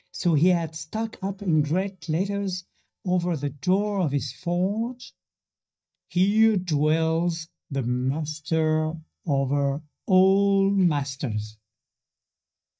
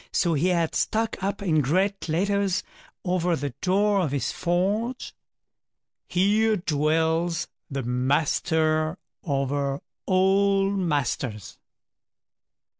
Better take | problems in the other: second | noise reduction (neural mask model DeepFilterNet 3)

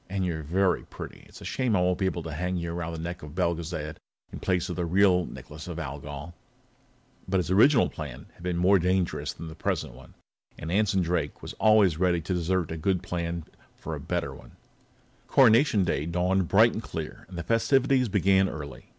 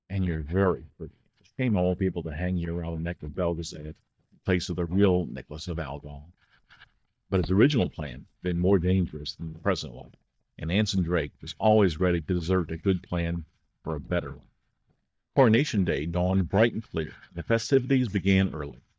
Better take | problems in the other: first | noise reduction (neural mask model DeepFilterNet 3)

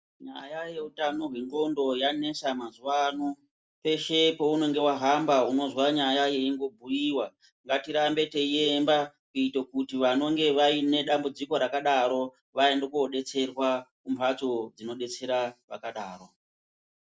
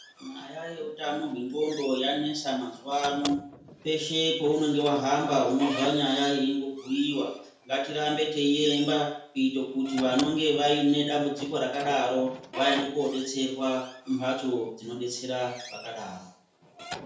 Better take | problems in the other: first | background sound (Squeak / Slam); 15 dB below the speech // room echo; dies away in 0.5 s

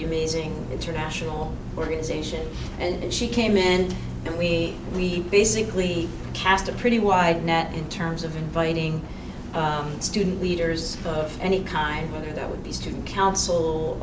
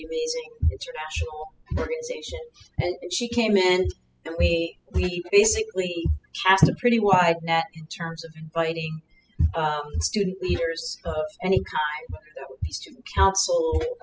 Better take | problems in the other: first | noise reduction (classical method spectral subtraction)

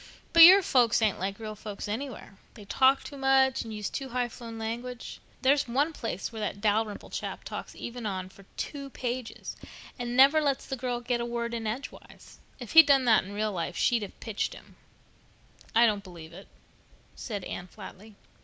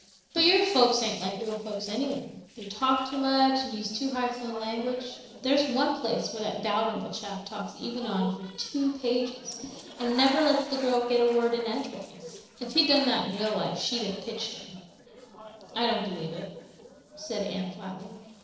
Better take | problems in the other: first | noise reduction (neural separator model SepFormer DNS4)

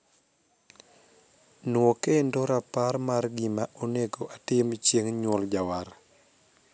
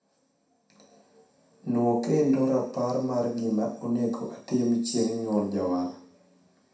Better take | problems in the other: first | room echo; dies away in 0.6 s

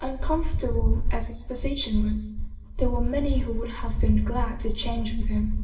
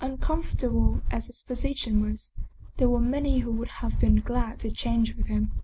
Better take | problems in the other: second | room echo; dies away in 0.9 s

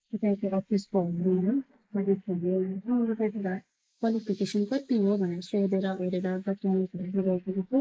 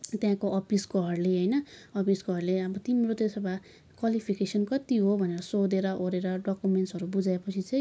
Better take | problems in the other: second | noise reduction (neural mask model Resemble Enhance denoiser)

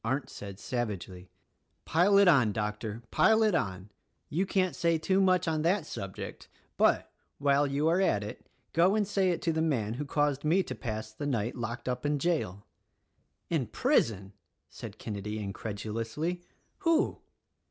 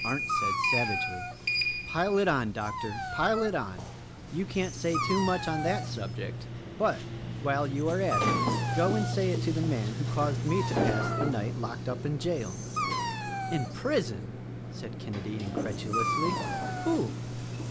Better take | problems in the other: first | background sound (Dog + Sliding door); as loud as the speech

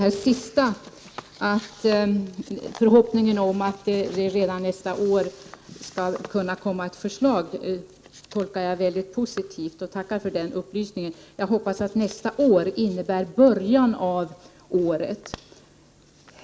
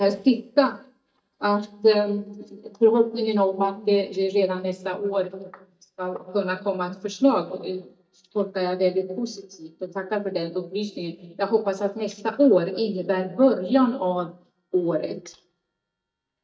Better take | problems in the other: first | noise reduction (neural mask model DeepFilterNet 3)

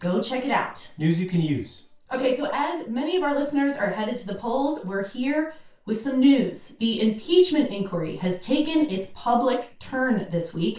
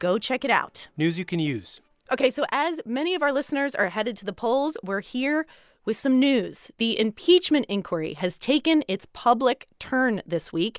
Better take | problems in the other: second | room echo; dies away in 0.3 s

